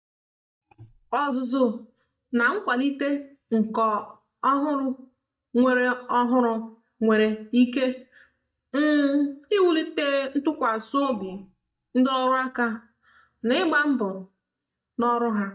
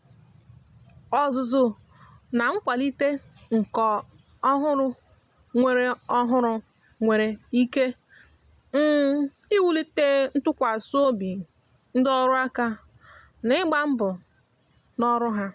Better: second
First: noise reduction (neural mask model DeepFilterNet 3)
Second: none

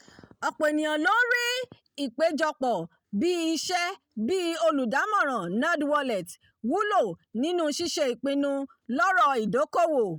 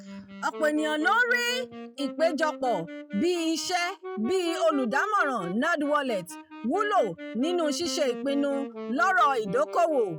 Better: first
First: none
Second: noise reduction (classical method log-MMSE)

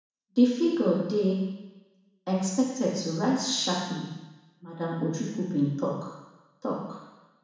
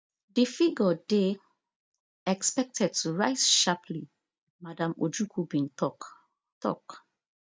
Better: second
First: room echo; dies away in 1.1 s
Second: none

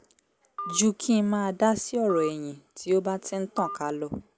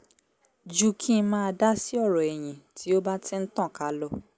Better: second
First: background sound (Telephone); 14 dB below the speech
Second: none

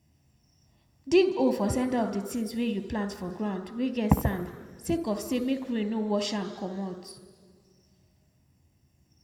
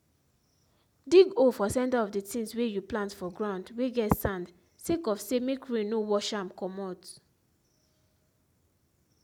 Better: second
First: room echo; dies away in 1.5 s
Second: none

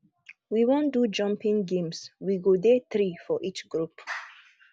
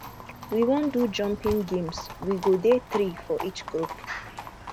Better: first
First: none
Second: background sound (Livestock, farm animals, working animals); 11 dB below the speech

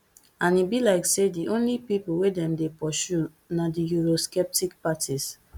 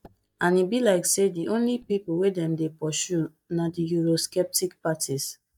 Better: first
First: none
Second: noise reduction (neural mask model DeepFilterNet 3)

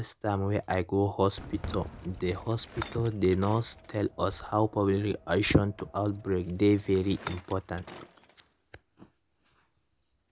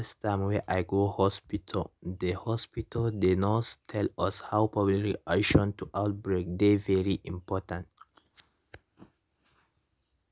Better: second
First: background sound (Fireworks + Bicycle); 18 dB below the speech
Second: none

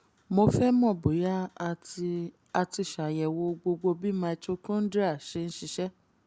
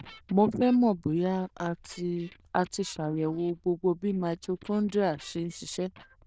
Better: first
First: none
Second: noise reduction (neural diffusion model UNIVERSE++)

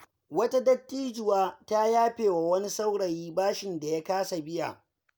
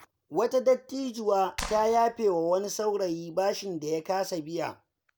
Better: first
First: none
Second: background sound (Clapping); 11 dB below the speech

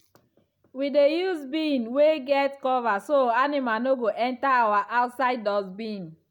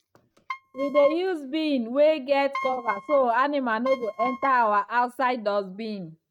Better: first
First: none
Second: noise reduction (neural mask model RNNoise)

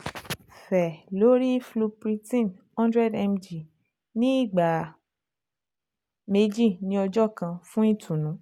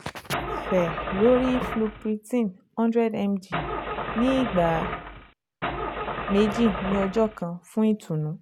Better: first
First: none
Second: background sound (Engine starting / Car); 5 dB below the speech

